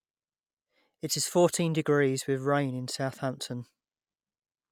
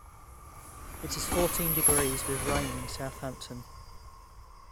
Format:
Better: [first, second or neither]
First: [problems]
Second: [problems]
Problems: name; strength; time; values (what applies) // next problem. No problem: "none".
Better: first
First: none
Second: background sound (Train); 2 dB above the speech